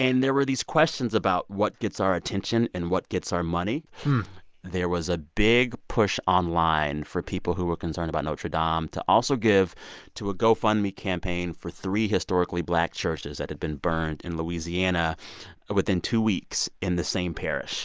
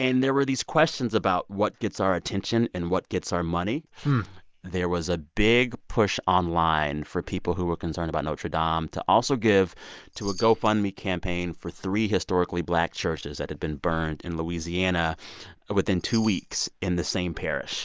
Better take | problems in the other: first | noise reduction (neural mask model DeepFilterNet 3)

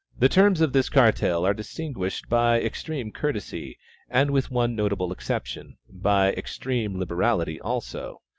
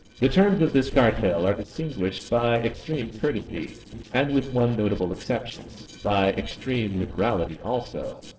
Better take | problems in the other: first | noise reduction (neural separator model SepFormer DNS4)

